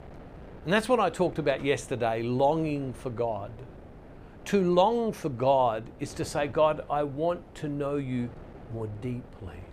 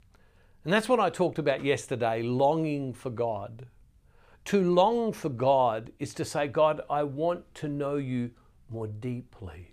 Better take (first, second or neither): second